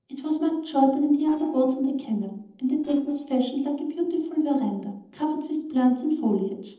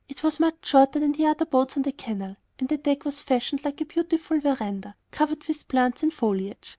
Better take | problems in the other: second | noise reduction (neural separator model SepFormer DNS4)

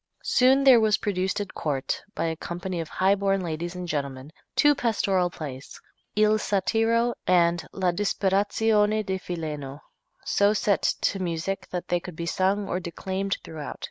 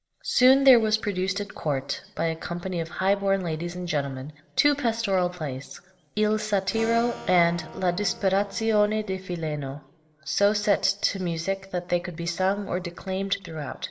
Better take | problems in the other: first | background sound (Acoustic guitar / Strum); 16 dB below the speech // room echo; dies away in 1 s

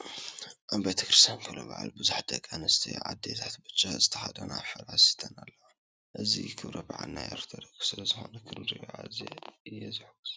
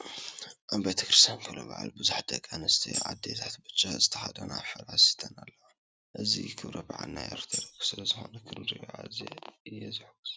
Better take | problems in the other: first | background sound (Tambourine); 7 dB below the speech

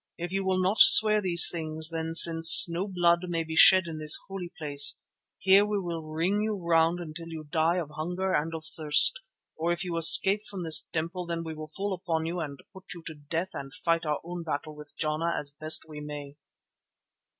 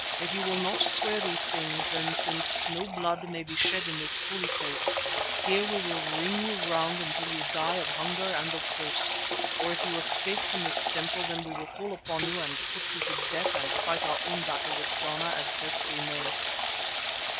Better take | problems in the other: first | background sound (Water tap, faucet / Water); 4 dB above the speech

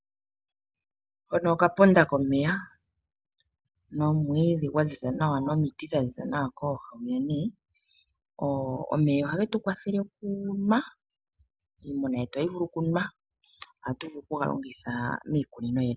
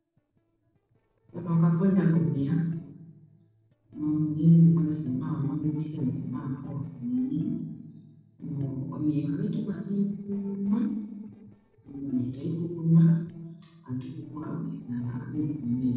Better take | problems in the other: first | noise reduction (neural separator model SepFormer DNS4)

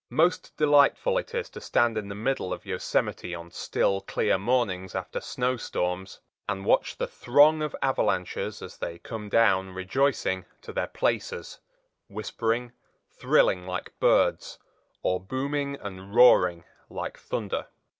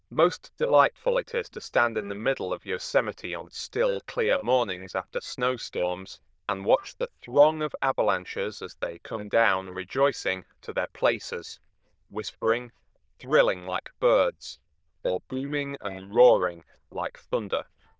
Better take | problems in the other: first | noise reduction (neural diffusion model UNIVERSE++)

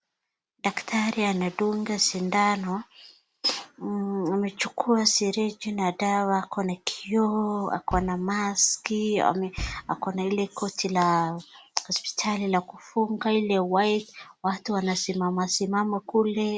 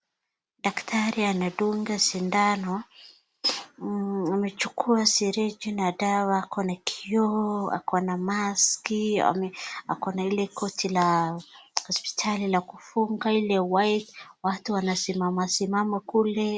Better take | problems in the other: second | background sound (Bass drum); 12 dB below the speech

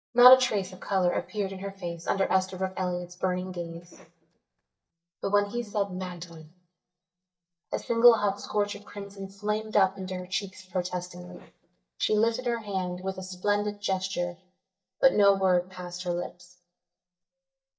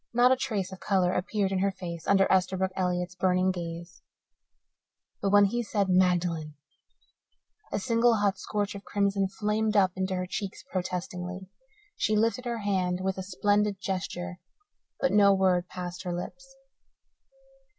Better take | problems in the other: second | noise reduction (neural mask model DeepFilterNet 3)

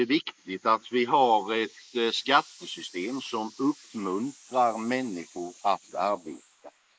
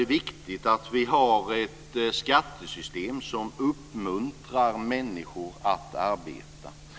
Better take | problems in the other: second | noise reduction (neural mask model Resemble Enhance denoiser)

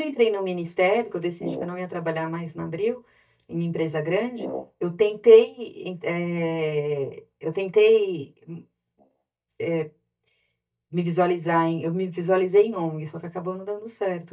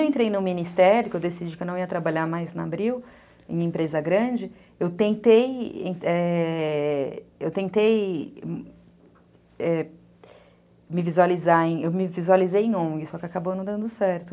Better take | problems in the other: second | noise reduction (neural mask model DeepFilterNet 3)

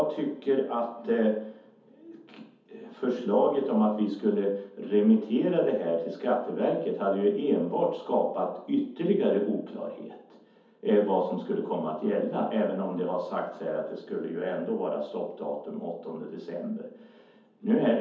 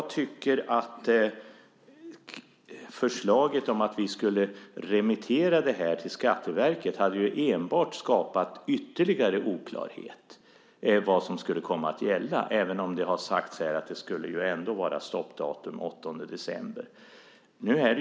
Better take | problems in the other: second | room echo; dies away in 0.6 s

